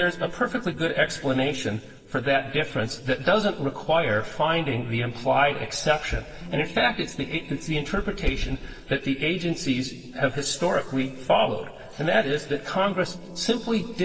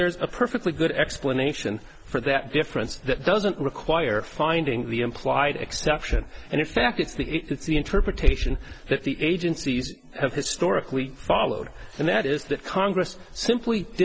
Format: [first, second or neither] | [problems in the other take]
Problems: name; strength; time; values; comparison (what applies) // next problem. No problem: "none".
second | noise reduction (neural separator model SepFormer DNS4)